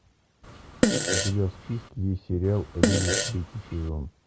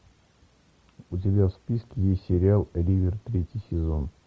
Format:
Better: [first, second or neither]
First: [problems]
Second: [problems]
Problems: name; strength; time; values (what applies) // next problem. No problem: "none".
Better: second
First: background sound (Fart); 2 dB above the speech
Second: none